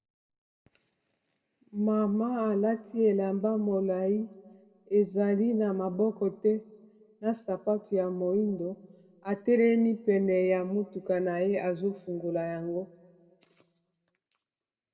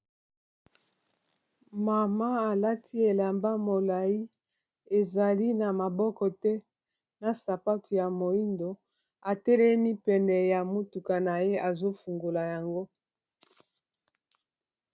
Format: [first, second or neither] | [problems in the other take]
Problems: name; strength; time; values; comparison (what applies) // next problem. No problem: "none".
second | room echo; dies away in 0.7 s